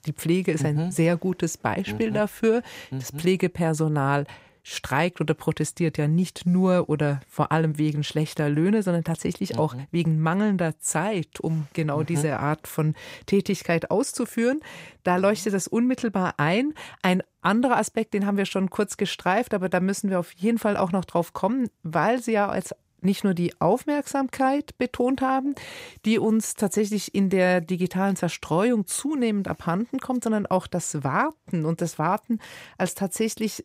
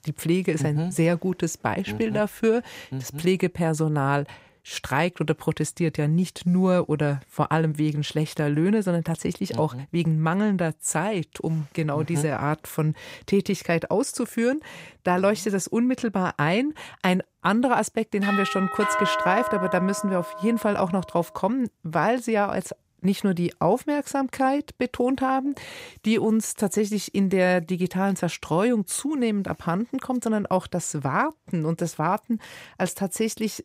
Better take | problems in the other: first | doorbell; loud; from 18 to 21 s; peak 1 dB above the speech

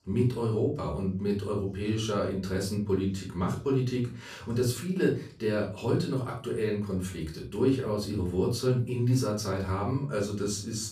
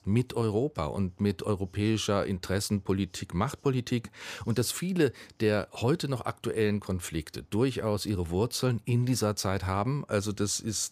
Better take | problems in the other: second | off-mic speech; far // room echo; slight; dies away in 0.4 s

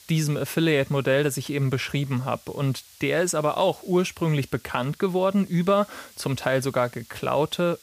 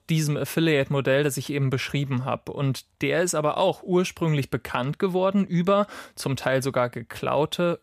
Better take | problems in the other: second | hiss; faint; throughout; 25 dB below the speech

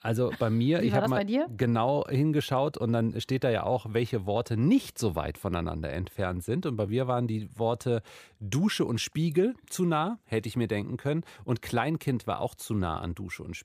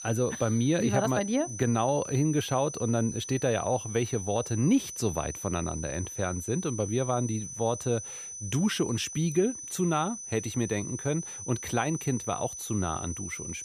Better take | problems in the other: first | high-pitched whine; loud; throughout; 6 kHz, 8 dB below the speech

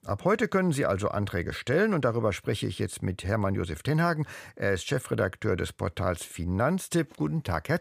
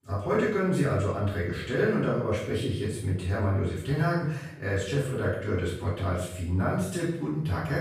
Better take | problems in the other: first | off-mic speech; far // room echo; noticeable; dies away in 0.6 s

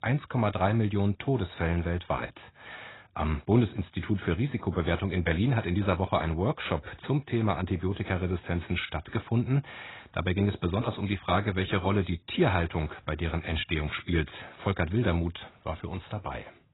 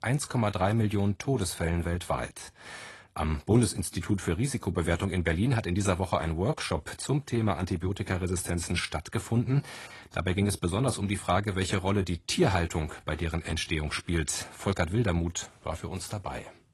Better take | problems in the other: second | garbled, watery; badly; nothing above 4 kHz; slightly in the second

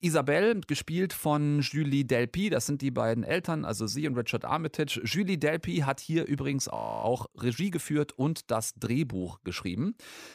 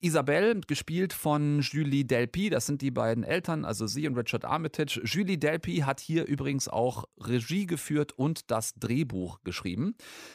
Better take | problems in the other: second | audio freezing; at 7 s

